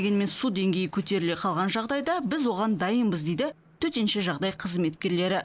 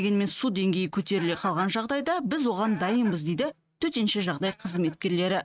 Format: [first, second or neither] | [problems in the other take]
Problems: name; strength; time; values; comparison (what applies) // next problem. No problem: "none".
first | noise reduction (neural mask model RNNoise)